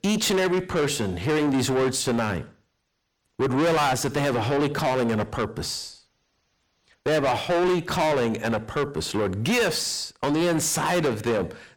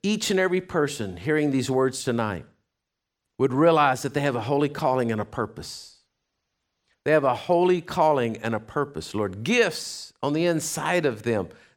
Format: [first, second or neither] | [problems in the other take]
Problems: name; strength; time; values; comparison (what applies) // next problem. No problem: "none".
second | distortion; heavy; 5 dB below the speech